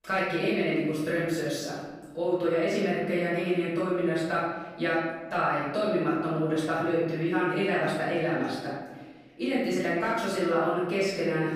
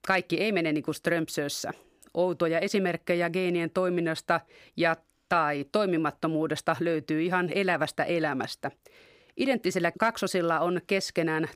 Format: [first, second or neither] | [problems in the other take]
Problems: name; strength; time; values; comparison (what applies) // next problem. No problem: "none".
second | room echo; noticeable; dies away in 1.1 s // off-mic speech; far